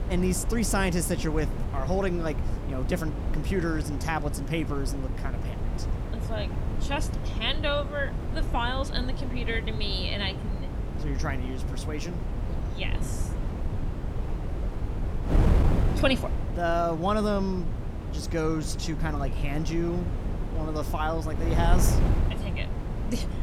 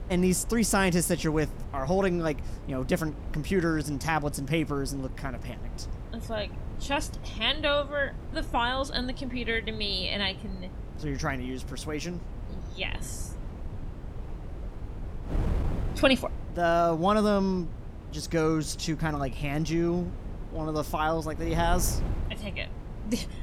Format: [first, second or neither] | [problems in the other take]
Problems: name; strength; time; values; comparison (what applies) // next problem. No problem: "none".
second | wind noise on the microphone; heavy; 9 dB below the speech; occasional gusts in the second